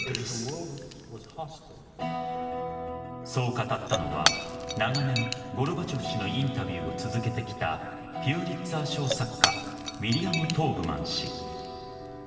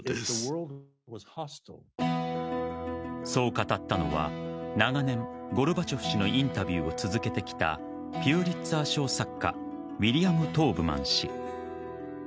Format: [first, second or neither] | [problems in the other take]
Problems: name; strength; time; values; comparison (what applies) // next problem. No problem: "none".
second | background sound (Shatter / Crushing); 6 dB below the speech // room echo; dies away in 2.3 s